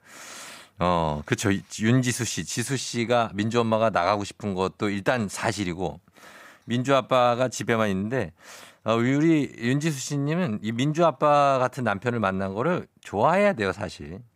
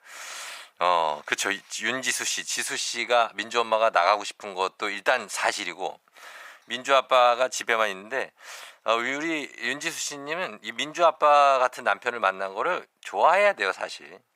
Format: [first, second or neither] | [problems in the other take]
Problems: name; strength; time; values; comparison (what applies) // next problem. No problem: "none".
first | thin; very; fading below 700 Hz